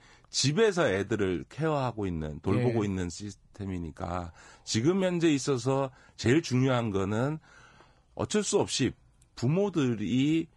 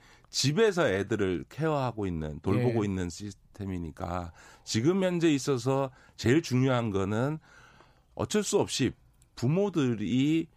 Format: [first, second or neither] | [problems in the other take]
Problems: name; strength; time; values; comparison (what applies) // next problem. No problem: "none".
second | garbled, watery; slightly